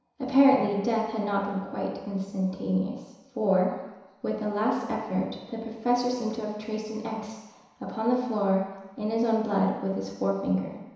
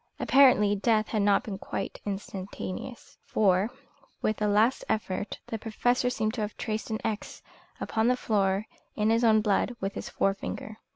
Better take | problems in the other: second | room echo; dies away in 1 s

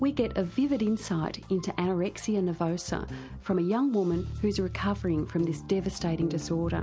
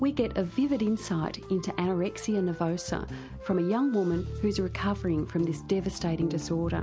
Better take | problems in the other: first | background sound (Wind instrument, woodwind instrument); 19 dB below the speech

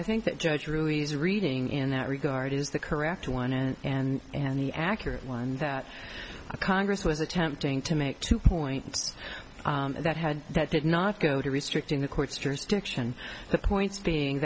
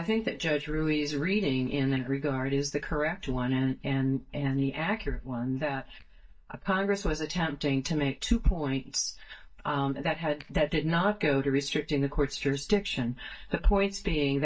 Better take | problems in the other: first | noise reduction (neural mask model DeepFilterNet 3)

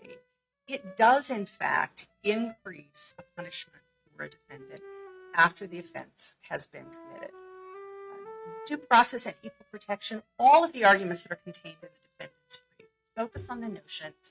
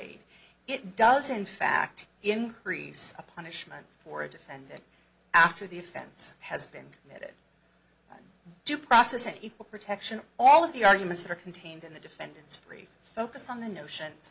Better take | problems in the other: second | noise reduction (neural mask model RNNoise)

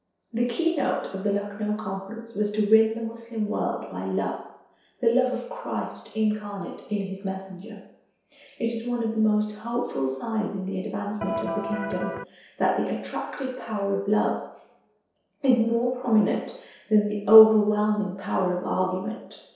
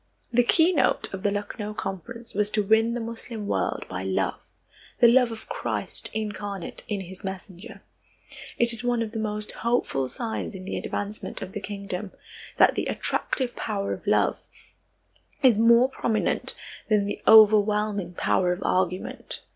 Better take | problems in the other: second | noise reduction (neural separator model SepFormer DNS4)

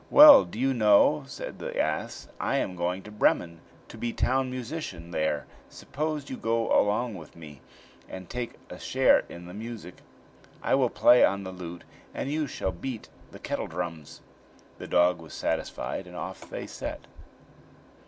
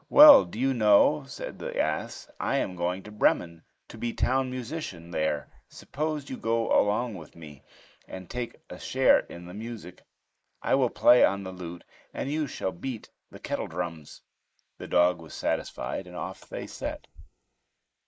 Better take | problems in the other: first | noise reduction (neural mask model Resemble Enhance denoiser)

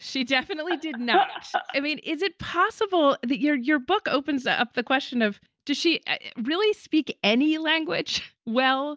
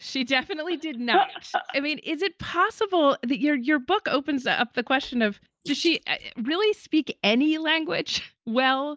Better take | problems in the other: first | noise reduction (neural mask model Resemble Enhance denoiser)

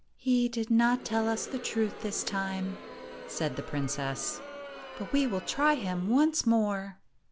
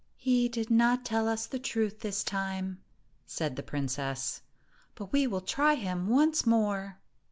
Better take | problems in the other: second | background sound (Crowd); 15 dB below the speech

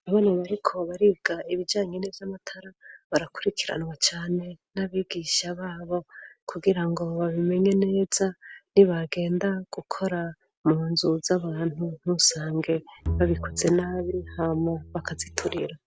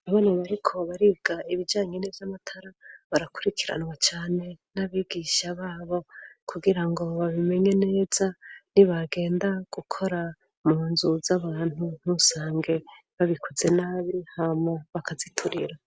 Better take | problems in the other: second | background sound (Bowed string instrument); 8 dB below the speech

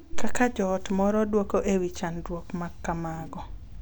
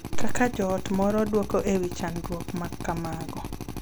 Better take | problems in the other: first | background sound (Drill); 11 dB below the speech

